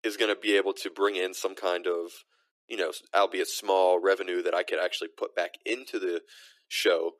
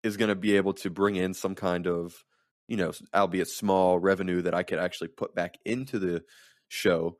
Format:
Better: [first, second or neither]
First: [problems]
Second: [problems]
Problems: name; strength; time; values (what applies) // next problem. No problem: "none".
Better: second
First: thin; very; fading below 300 Hz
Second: none